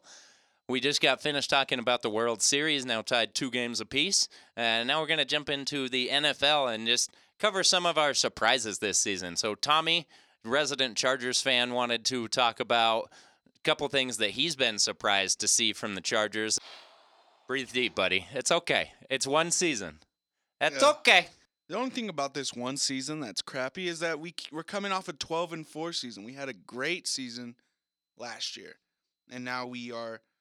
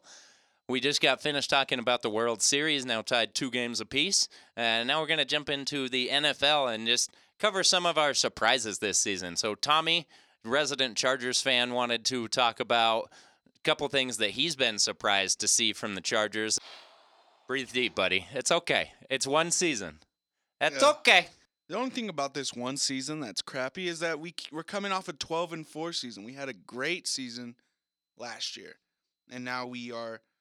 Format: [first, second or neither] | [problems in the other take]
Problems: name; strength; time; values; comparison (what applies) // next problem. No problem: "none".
neither | thin; very slightly; fading below 1 kHz; the same in both